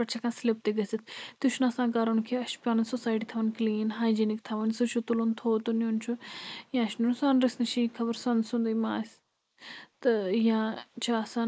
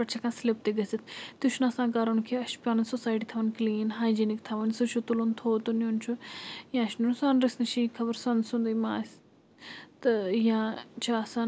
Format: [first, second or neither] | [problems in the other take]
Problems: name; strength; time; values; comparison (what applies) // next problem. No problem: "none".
second | noise reduction (neural mask model Resemble Enhance denoiser)